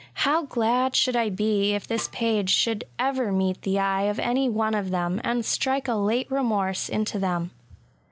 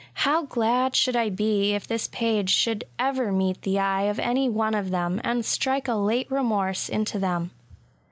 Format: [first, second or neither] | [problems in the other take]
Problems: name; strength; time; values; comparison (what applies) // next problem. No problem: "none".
second | background sound (Snare drum); 19 dB below the speech